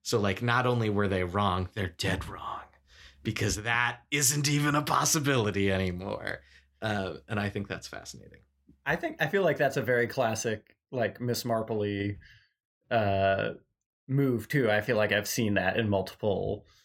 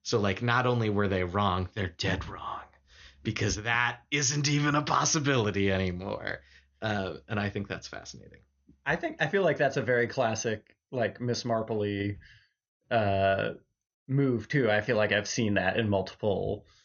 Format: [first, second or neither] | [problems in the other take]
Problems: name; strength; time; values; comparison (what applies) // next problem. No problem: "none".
first | garbled, watery; slightly; nothing above 6.5 kHz